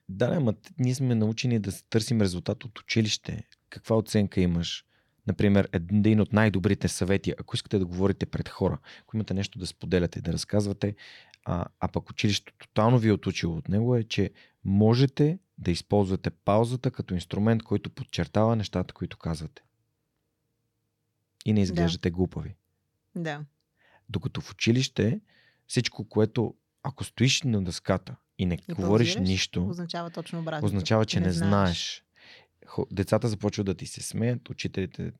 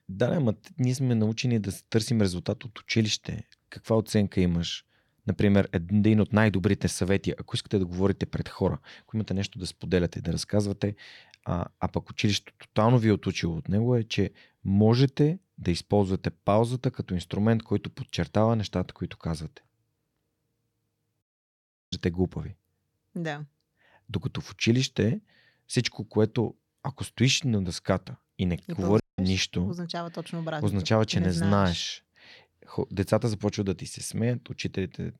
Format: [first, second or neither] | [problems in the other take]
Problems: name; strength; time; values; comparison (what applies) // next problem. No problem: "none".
first | audio cutting out; at 21 s for 0.5 s and at 29 s